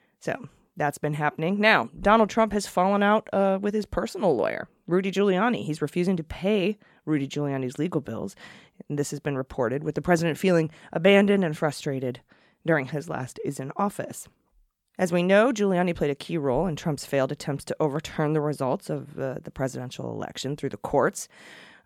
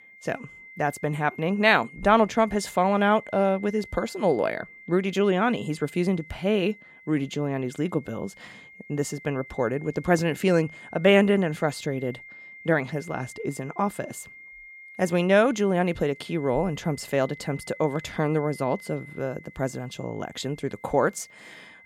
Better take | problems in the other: first | high-pitched whine; noticeable; throughout; 2 kHz, 20 dB below the speech

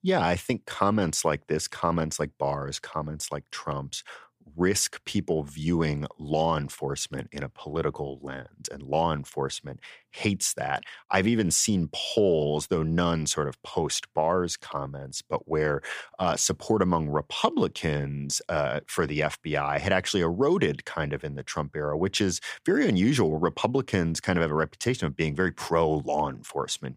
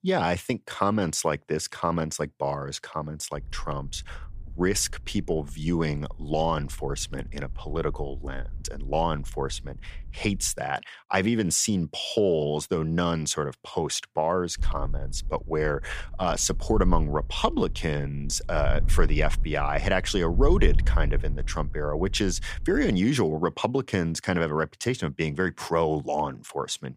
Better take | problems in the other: first | wind noise on the microphone; occasional gusts; from 3.5 to 11 s and from 15 to 23 s; 25 dB below the speech

